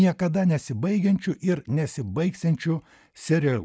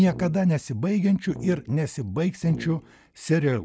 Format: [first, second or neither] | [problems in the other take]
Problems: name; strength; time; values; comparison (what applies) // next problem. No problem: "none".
first | background sound (Brass instrument); 17 dB below the speech